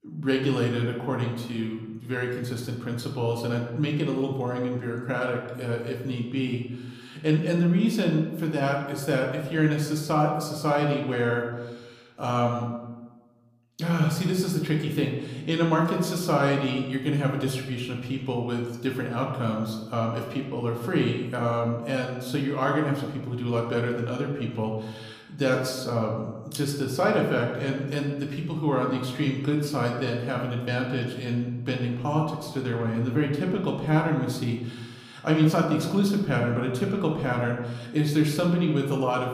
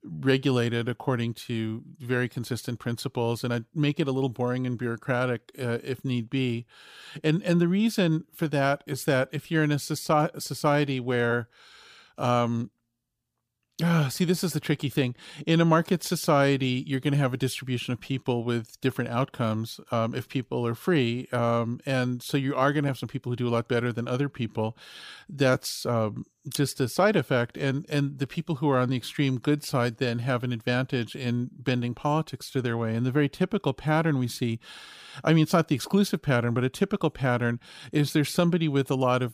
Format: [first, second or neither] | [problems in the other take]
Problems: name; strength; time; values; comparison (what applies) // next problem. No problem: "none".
second | room echo; slight; dies away in 1 s // off-mic speech; somewhat distant